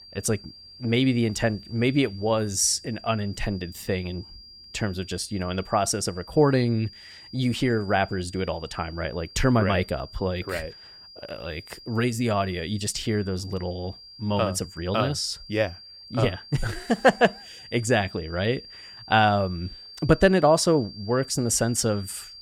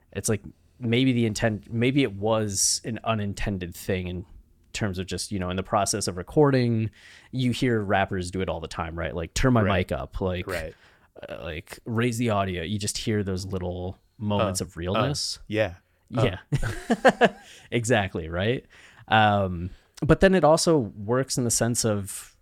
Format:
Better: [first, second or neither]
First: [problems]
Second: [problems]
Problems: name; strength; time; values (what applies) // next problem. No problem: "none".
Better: second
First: high-pitched whine; noticeable; throughout; 4.5 kHz, 20 dB below the speech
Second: none